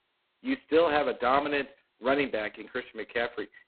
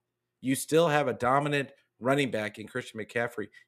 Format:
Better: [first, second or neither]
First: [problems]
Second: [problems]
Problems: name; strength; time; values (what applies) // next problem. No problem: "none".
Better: second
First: phone-call audio; poor line; nothing above 4 kHz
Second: none